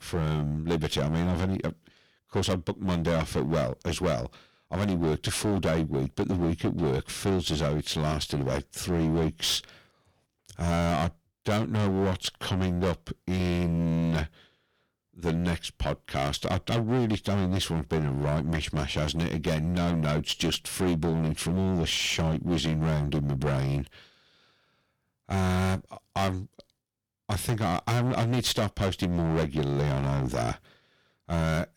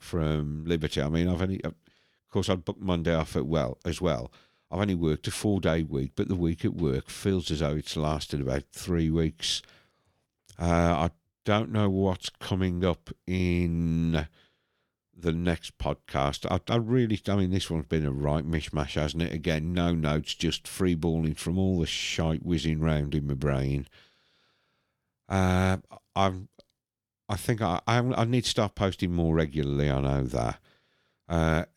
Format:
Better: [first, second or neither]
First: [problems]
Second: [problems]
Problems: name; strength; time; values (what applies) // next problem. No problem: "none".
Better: second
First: distortion; heavy; 14% of the sound clipped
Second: none